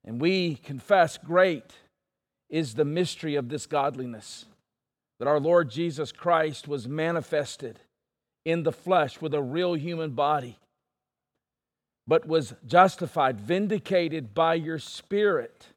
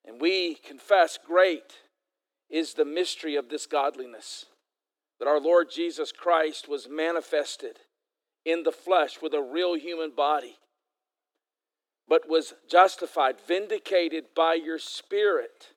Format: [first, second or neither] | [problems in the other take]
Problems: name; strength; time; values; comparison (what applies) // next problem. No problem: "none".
first | thin; somewhat; fading below 300 Hz